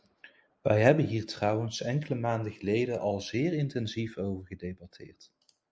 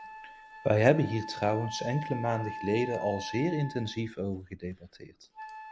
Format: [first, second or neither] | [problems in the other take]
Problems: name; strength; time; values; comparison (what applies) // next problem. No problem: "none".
first | background sound (Wind instrument, woodwind instrument); 12 dB below the speech